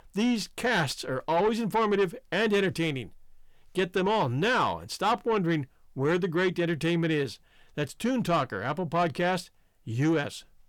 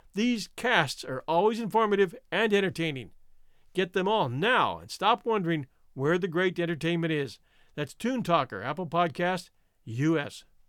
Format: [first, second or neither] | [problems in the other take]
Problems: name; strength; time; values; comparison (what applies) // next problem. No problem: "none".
second | distortion; slight; 10 dB below the speech